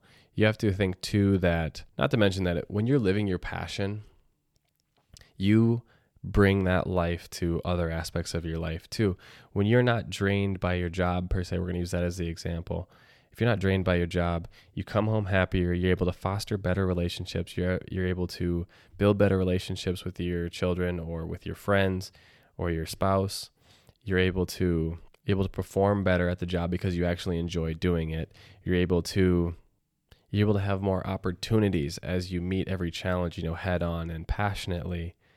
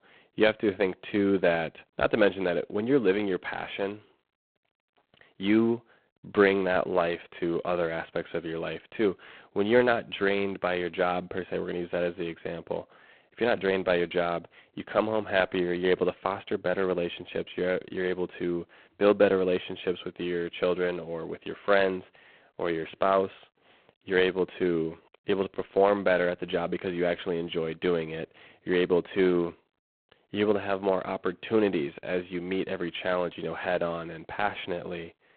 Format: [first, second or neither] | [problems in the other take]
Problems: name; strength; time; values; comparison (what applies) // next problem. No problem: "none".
first | phone-call audio; poor line; nothing above 4 kHz